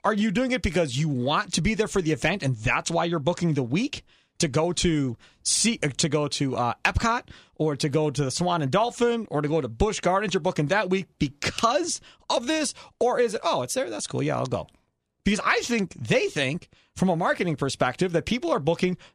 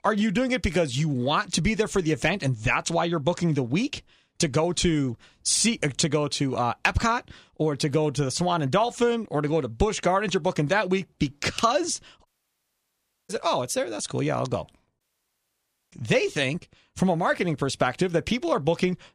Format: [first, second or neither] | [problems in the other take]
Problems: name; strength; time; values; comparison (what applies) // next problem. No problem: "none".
first | audio cutting out; at 12 s for 1 s and at 15 s for 1 s